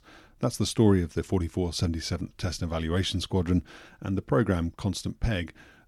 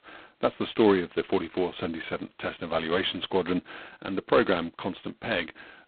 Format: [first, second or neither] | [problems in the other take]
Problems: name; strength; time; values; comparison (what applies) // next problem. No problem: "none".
first | phone-call audio; poor line; nothing above 3.5 kHz